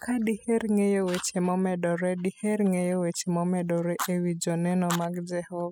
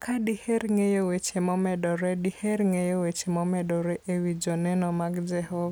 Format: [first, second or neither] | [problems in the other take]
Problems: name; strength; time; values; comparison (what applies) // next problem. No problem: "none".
second | noise reduction (classical method spectral subtraction)